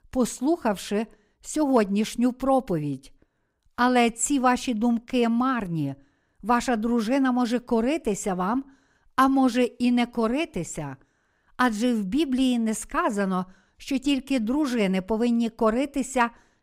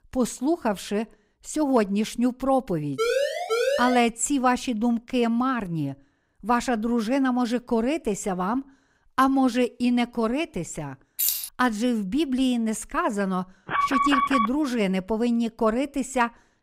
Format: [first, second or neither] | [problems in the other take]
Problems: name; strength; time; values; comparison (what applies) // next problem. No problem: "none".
first | siren; loud; from 3 to 4 s; peak 1 dB above the speech // jangling keys; loud; at 11 s; peak 1 dB above the speech // alarm; loud; at 14 s; peak 2 dB above the speech